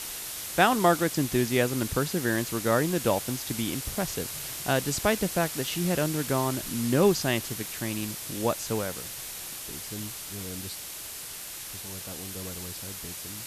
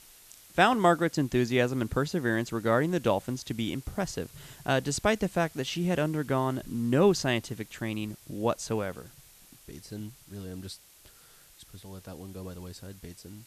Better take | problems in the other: second | hiss; loud; throughout; 7 dB below the speech; faint in the second

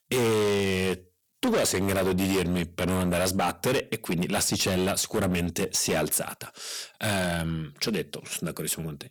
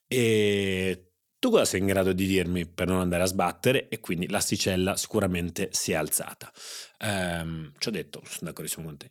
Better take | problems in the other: second | distortion; heavy; 15% of the sound clipped

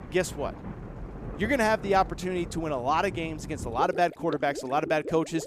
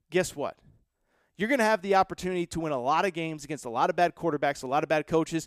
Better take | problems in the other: second | rain or running water; noticeable; throughout; 10 dB below the speech

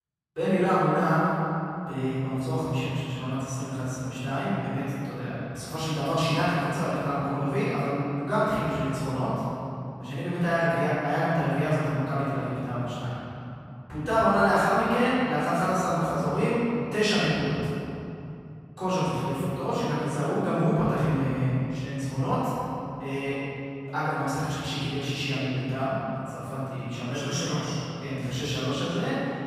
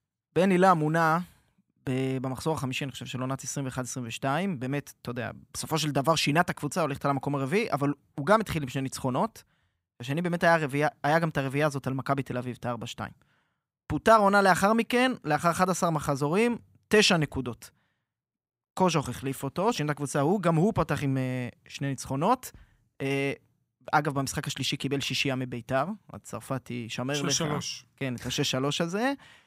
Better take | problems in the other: second | off-mic speech; far // room echo; strong; dies away in 3 s

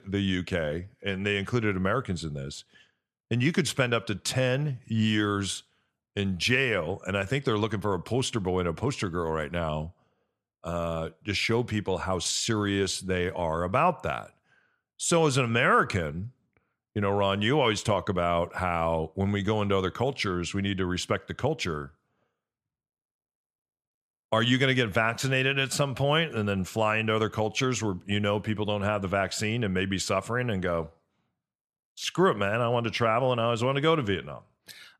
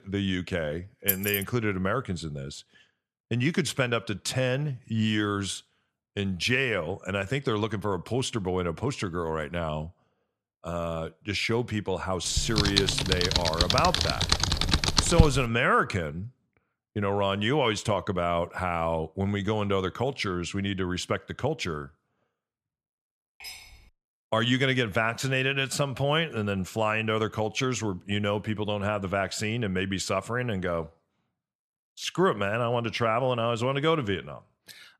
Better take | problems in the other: first | jangling keys; loud; at 1 s; peak 1 dB above the speech // keyboard typing; loud; from 12 to 15 s; peak 5 dB above the speech // clattering dishes; faint; at 23 s; peak 15 dB below the speech

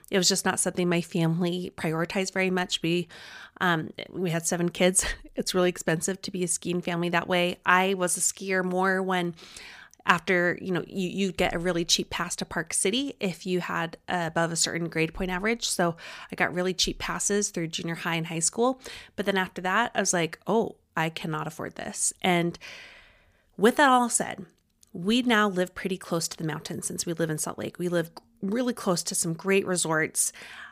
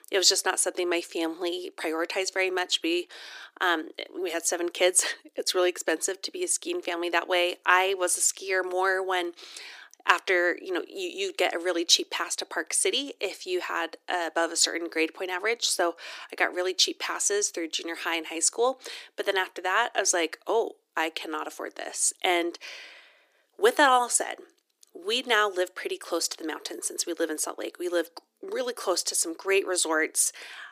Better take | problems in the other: first | thin; very; fading below 300 Hz

